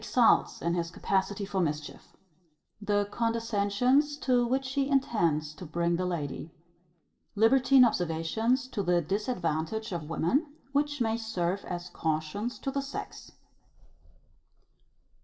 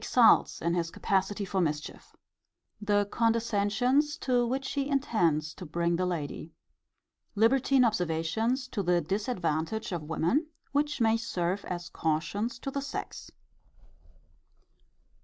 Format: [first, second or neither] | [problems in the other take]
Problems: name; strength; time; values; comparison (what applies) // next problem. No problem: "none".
second | room echo; dies away in 0.7 s